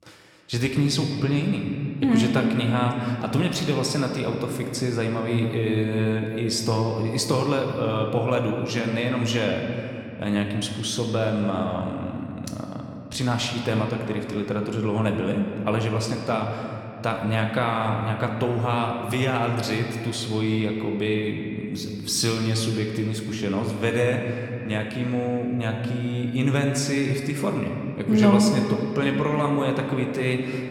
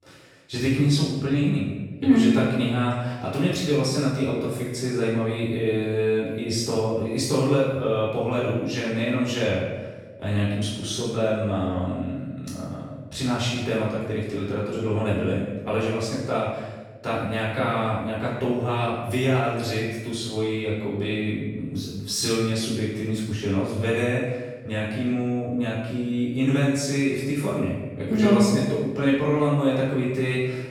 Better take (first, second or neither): first